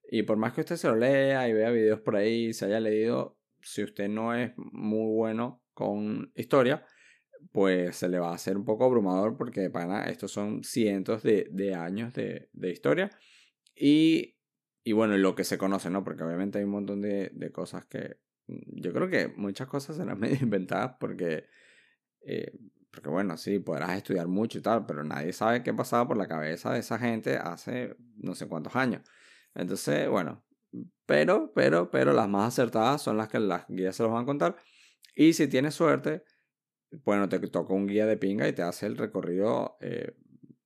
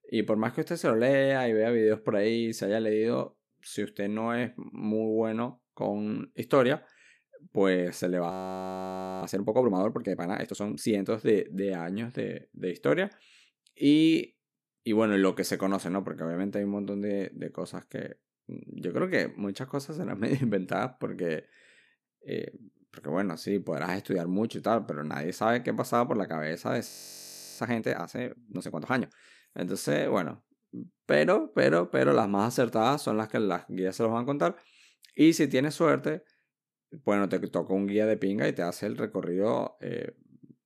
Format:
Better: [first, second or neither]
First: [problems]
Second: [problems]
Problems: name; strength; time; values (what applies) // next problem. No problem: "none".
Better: first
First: none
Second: audio freezing; at 8.5 s for 1 s and at 27 s for 0.5 s